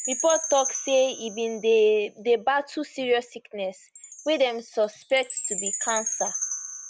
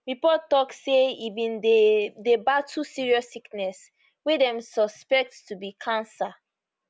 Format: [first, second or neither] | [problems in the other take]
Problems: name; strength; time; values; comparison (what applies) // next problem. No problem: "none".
second | background sound (Chime); 8 dB below the speech